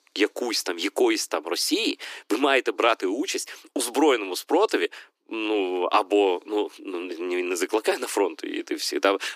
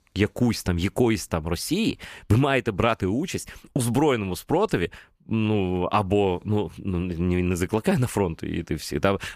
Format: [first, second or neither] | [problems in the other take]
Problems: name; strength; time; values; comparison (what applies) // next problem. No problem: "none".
second | thin; somewhat; fading below 300 Hz